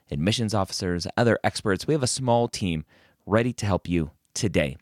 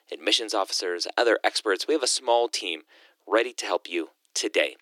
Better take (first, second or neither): first